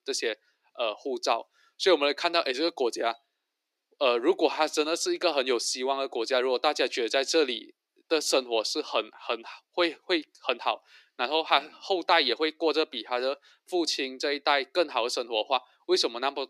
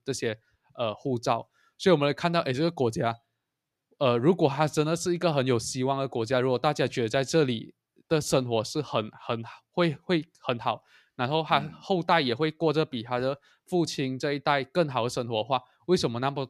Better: second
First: thin; somewhat; fading below 300 Hz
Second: none

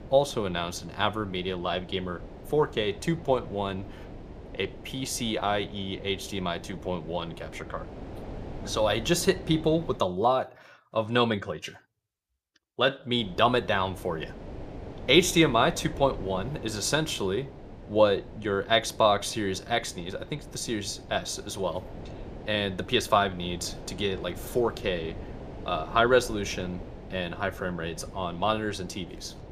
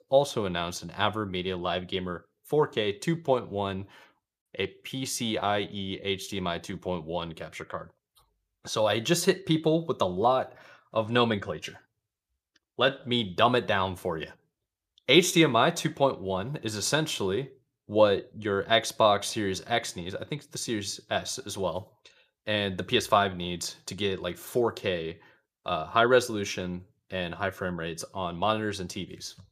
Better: second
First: wind noise on the microphone; occasional gusts; until 10 s and from 13 s on; 20 dB below the speech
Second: none

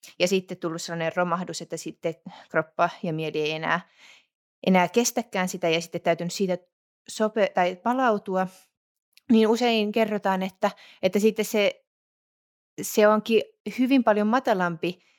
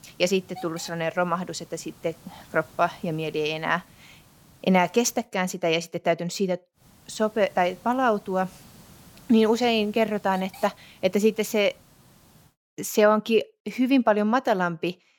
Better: first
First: none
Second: hiss; faint; until 5 s and from 7 to 12 s; 25 dB below the speech

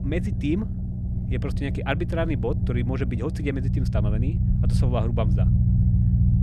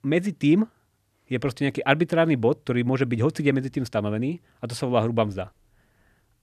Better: second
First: low rumble; loud; throughout; 5 dB below the speech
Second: none

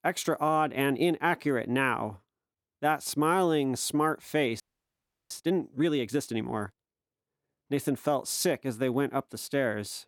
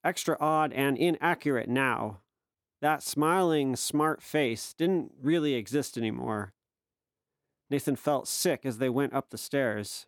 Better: second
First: audio freezing; at 4.5 s for 0.5 s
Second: none

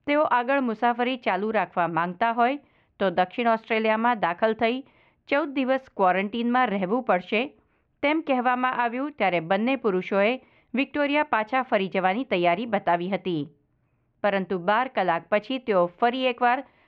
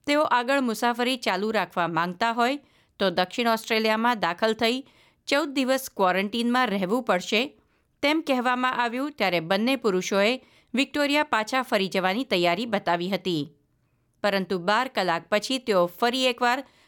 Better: second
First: muffled; very; fading above 2.5 kHz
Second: none

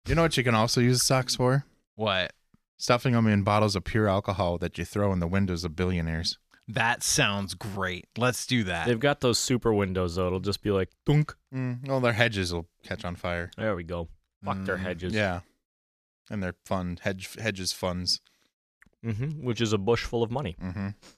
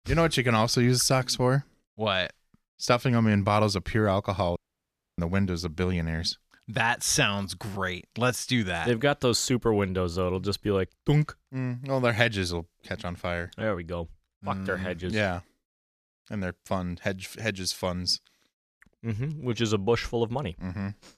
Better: first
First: none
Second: audio cutting out; at 4.5 s for 0.5 s

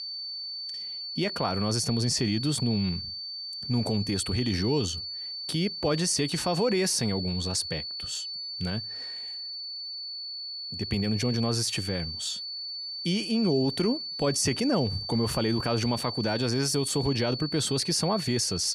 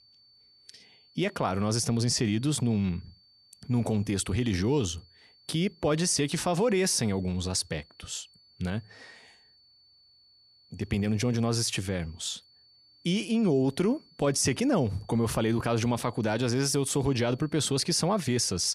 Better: second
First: high-pitched whine; loud; throughout; 4.5 kHz, 5 dB below the speech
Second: high-pitched whine; faint; throughout; 4.5 kHz, 30 dB below the speech

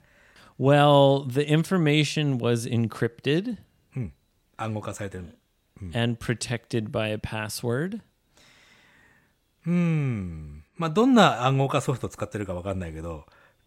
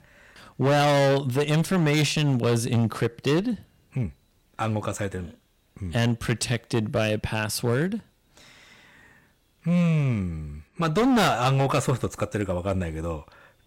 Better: first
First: none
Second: distortion; heavy; 11% of the sound clipped

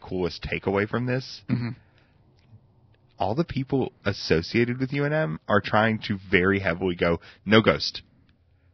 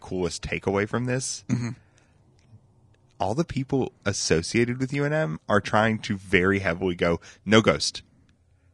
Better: second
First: garbled, watery; badly; nothing above 5.5 kHz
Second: garbled, watery; slightly

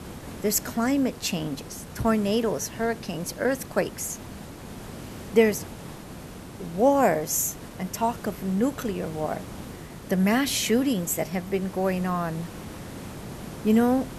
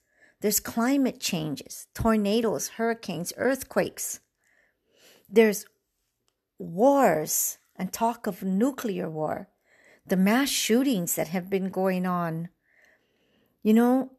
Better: second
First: hiss; noticeable; throughout; 15 dB below the speech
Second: none

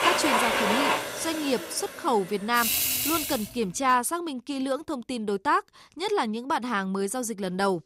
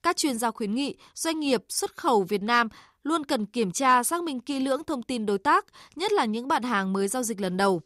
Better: second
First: household noises; very loud; until 3.5 s; 2 dB above the speech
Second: none

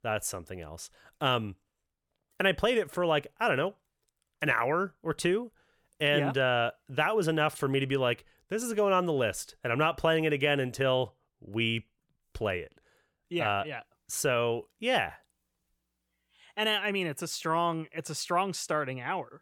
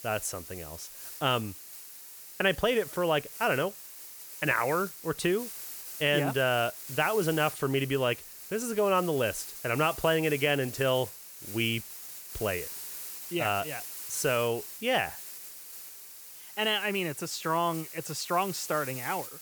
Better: first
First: none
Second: hiss; noticeable; throughout; 10 dB below the speech

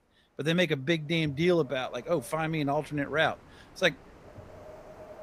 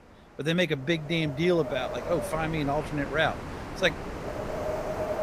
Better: first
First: wind noise on the microphone; occasional gusts; 25 dB below the speech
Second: wind noise on the microphone; heavy; 7 dB below the speech

